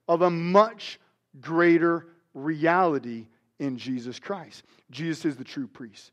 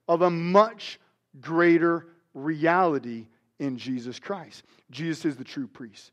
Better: neither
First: none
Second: none

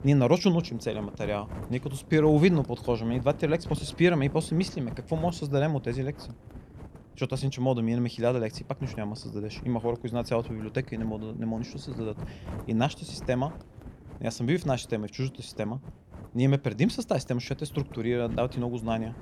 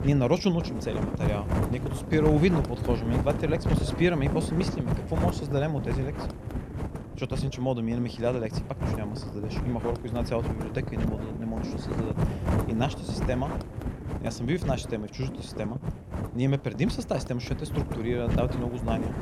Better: first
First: wind noise on the microphone; occasional gusts; 20 dB below the speech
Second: wind noise on the microphone; heavy; 5 dB below the speech

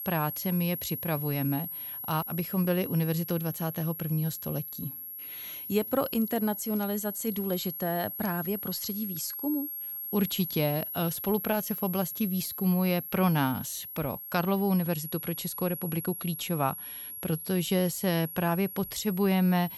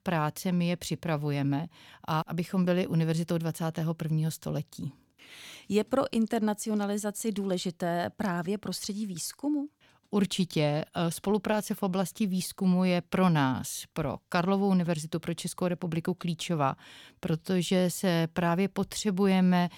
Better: second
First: high-pitched whine; loud; throughout; 11.5 kHz, 6 dB below the speech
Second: none

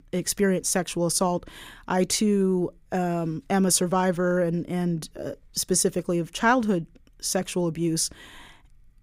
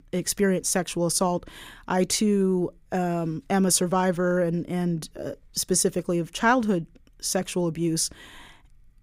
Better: neither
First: none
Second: none

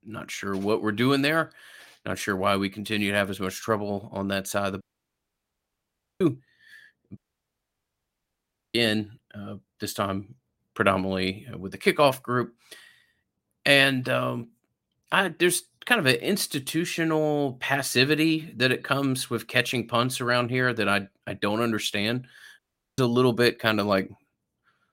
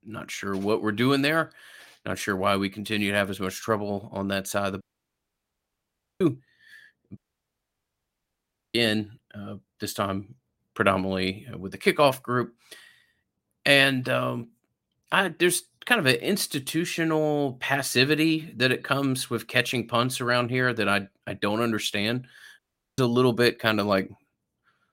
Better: neither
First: audio cutting out; at 5 s for 1.5 s, at 7 s for 1.5 s and at 23 s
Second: audio cutting out; at 5 s for 1.5 s, at 7 s for 1.5 s and at 23 s

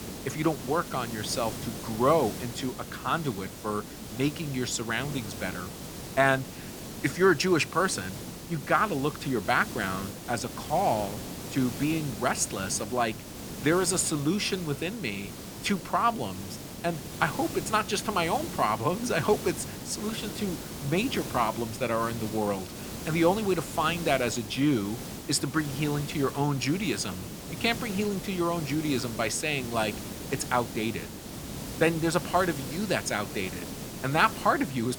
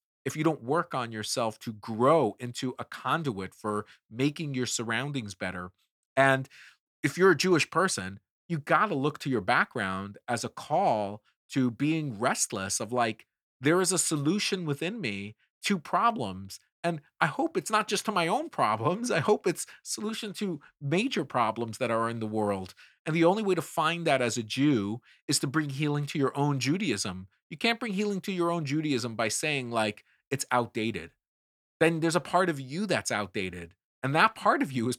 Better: second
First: hiss; loud; throughout; 10 dB below the speech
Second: none

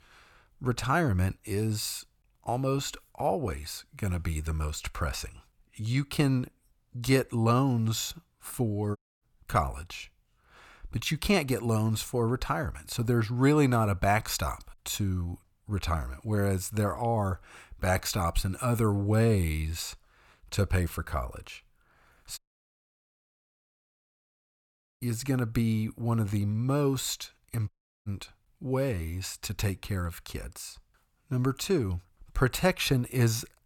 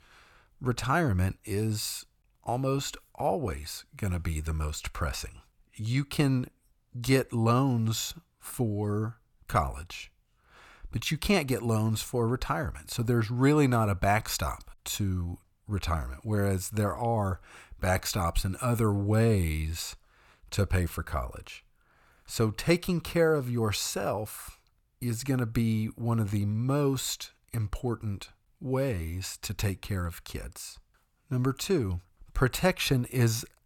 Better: second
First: audio cutting out; at 9 s, at 22 s for 2.5 s and at 28 s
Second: none

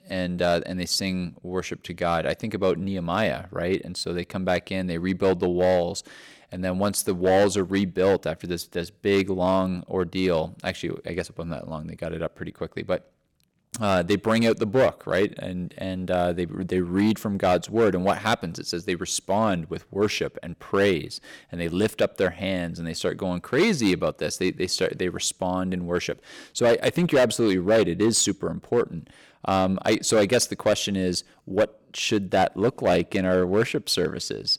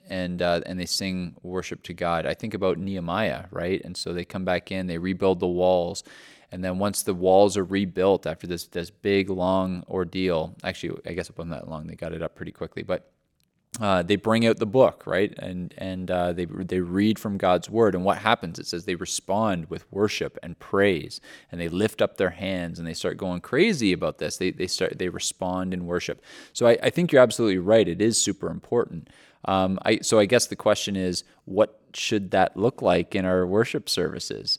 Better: second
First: distortion; slight; 4% of the sound clipped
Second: none

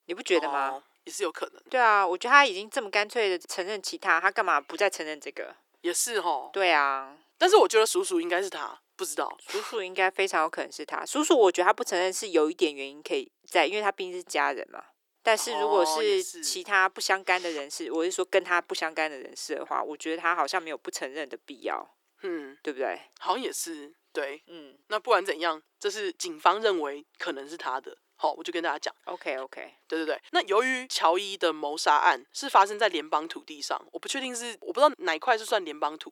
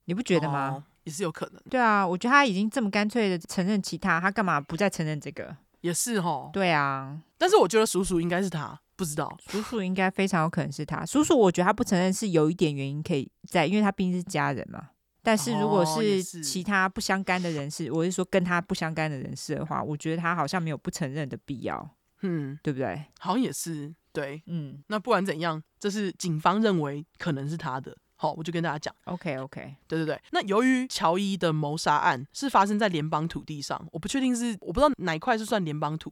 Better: second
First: thin; very; fading below 350 Hz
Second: none

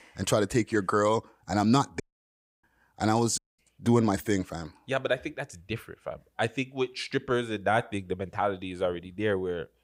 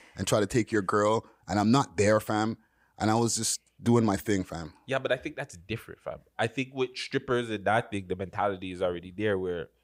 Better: second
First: audio cutting out; at 2 s for 0.5 s and at 3.5 s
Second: none

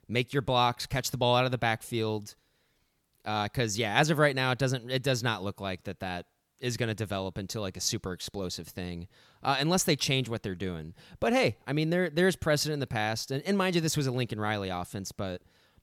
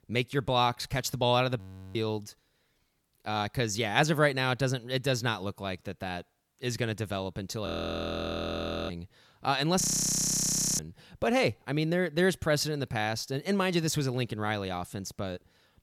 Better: first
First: none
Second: audio freezing; at 1.5 s, at 7.5 s for 1 s and at 10 s for 1 s

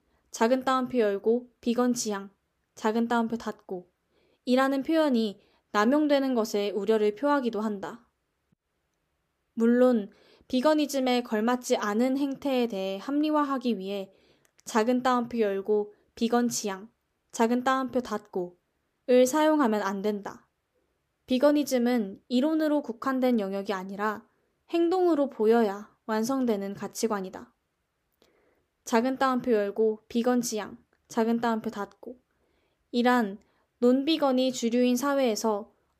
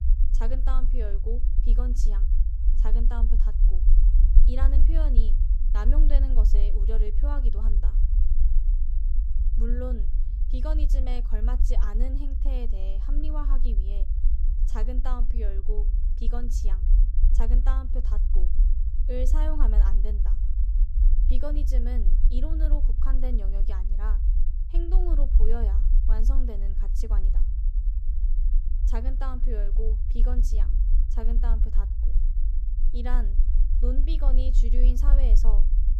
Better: first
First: none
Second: low rumble; loud; throughout; 8 dB below the speech

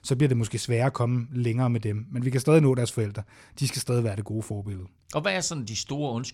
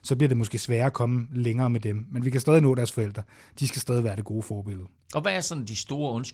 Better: first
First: none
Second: garbled, watery; slightly; nothing above 17.5 kHz

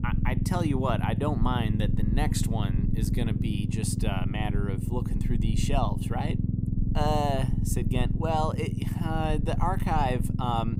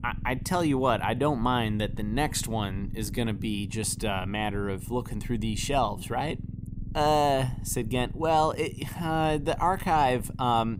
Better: second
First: low rumble; loud; throughout; 7 dB below the speech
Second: low rumble; faint; throughout; 20 dB below the speech

